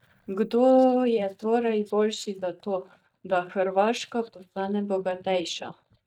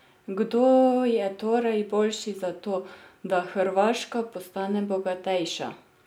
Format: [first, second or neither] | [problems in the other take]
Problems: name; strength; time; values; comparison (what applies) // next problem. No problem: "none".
second | noise reduction (neural mask model DeepFilterNet 3)